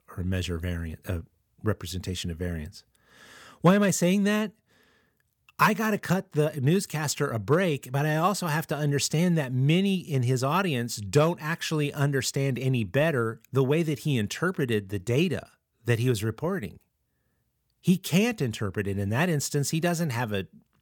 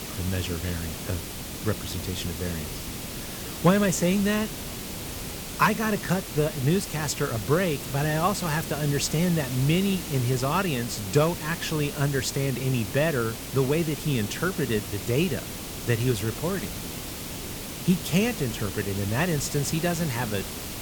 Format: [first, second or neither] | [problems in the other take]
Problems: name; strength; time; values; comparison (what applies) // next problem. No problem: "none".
first | hiss; loud; throughout; 7 dB below the speech